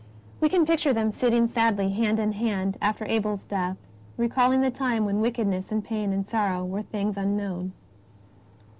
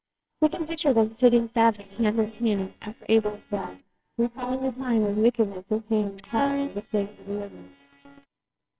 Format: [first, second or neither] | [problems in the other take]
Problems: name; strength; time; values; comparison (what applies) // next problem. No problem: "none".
first | noise reduction (neural separator model SepFormer WHAMR!)